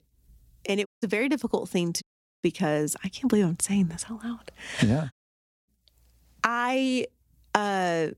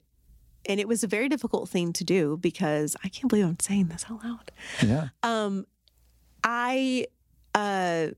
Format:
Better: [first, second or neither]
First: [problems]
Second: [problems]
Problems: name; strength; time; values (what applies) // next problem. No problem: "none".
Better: second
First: audio cutting out; at 1 s, at 2 s and at 5 s for 0.5 s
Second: none